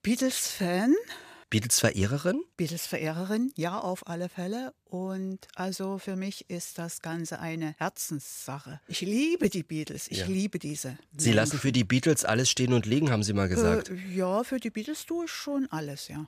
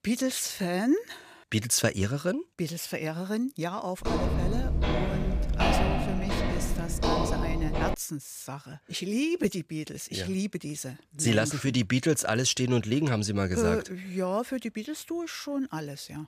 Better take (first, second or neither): first